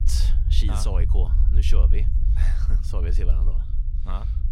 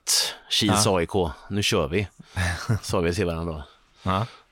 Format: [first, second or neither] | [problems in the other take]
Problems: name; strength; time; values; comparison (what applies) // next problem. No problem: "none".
second | low rumble; loud; throughout; 6 dB below the speech